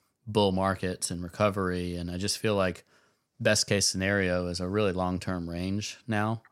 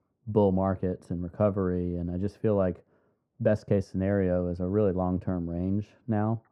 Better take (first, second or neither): first